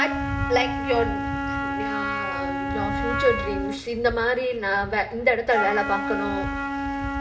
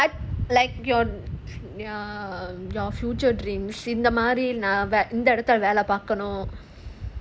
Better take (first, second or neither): second